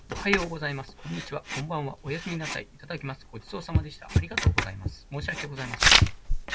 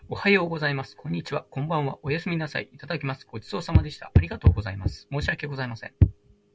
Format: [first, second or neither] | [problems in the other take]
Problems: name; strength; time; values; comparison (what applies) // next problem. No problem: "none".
second | background sound (Writing); 1 dB above the speech